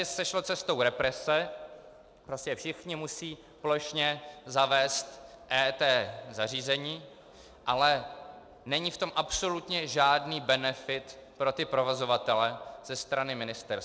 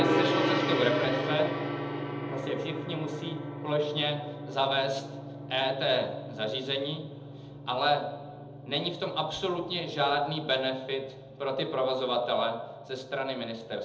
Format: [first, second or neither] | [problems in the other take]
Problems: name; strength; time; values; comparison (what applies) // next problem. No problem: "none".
first | background sound (Gong); 4 dB below the speech // room echo; dies away in 0.8 s